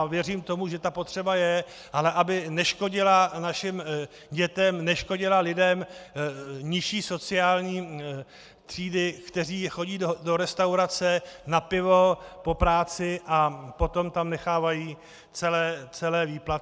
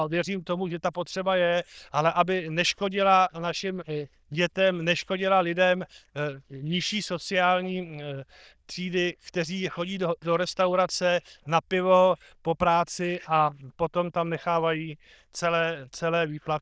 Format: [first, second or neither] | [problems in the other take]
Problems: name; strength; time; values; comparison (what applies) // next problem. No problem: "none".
first | noise reduction (neural diffusion model UNIVERSE++)